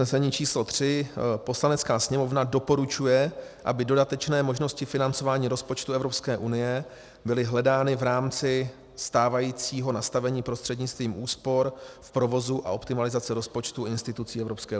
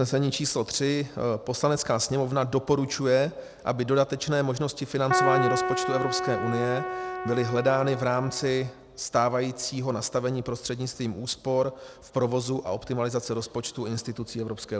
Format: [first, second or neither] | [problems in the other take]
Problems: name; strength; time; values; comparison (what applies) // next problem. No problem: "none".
first | background sound (Keyboard (musical)); 2 dB below the speech